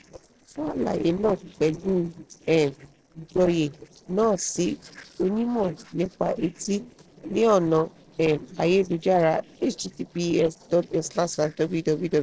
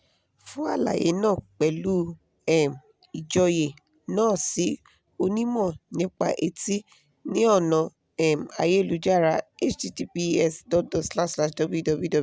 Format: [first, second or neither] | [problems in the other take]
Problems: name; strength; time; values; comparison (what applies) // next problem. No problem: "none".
second | noise reduction (neural separator model SepFormer DNS4)